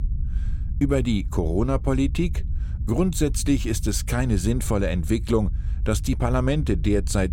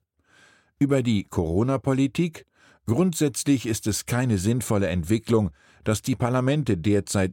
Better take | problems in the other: second | low rumble; faint; throughout; 20 dB below the speech

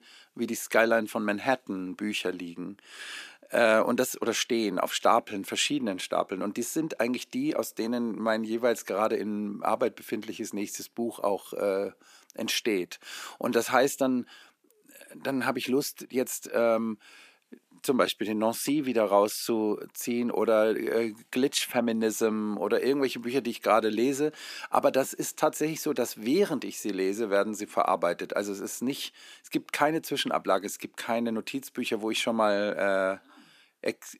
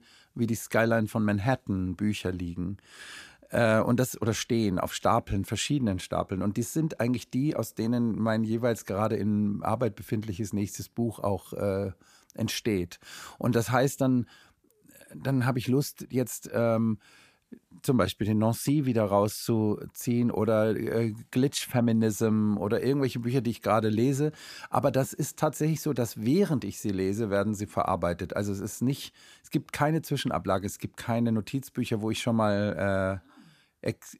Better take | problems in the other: second | thin; very slightly; fading below 300 Hz

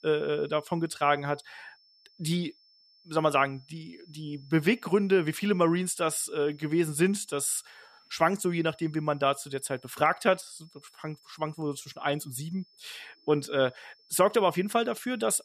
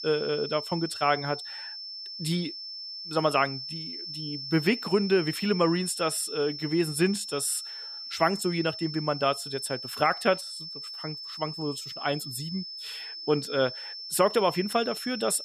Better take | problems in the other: first | high-pitched whine; loud; throughout; 5.5 kHz, 8 dB below the speech; faint in the first

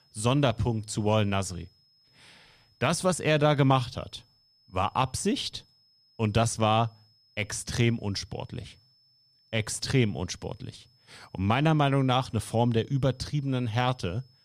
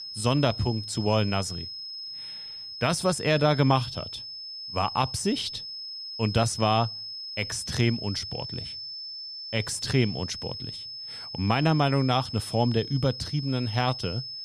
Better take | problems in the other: first | high-pitched whine; loud; throughout; 5 kHz, 9 dB below the speech; faint in the first

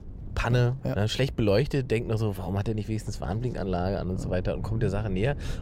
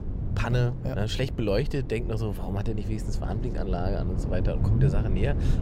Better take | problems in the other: first | low rumble; loud; throughout; 8 dB below the speech; faint in the first

